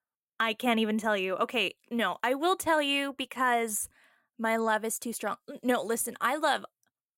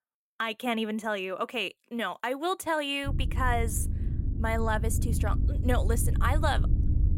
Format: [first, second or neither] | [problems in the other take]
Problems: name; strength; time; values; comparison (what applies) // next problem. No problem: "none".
first | low rumble; noticeable; from 3 s on; 15 dB below the speech